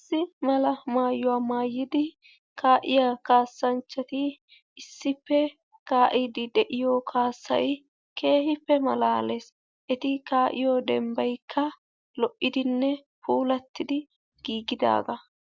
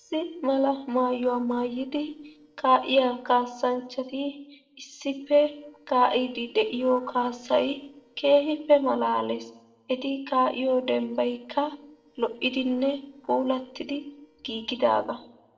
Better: first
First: none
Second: noise reduction (neural separator model SepFormer DNS4)

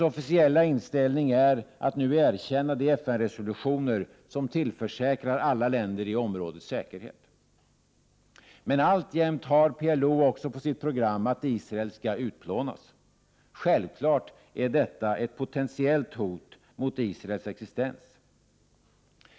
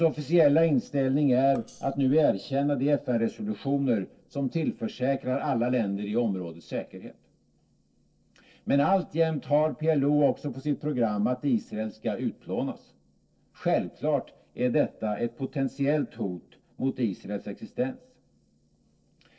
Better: first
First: none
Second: noise reduction (neural separator model SepFormer DNS4)

